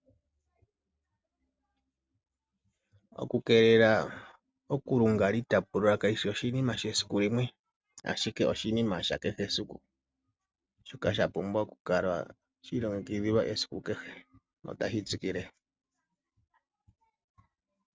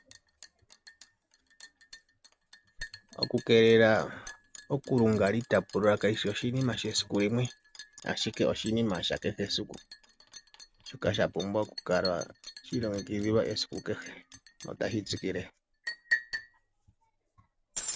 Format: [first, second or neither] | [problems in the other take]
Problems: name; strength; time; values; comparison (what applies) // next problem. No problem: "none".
first | background sound (Liquid); 14 dB below the speech